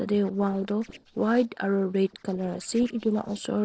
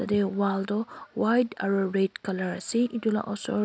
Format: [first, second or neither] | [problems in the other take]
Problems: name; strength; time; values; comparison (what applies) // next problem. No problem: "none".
second | noise reduction (neural separator model SepFormer DNS4)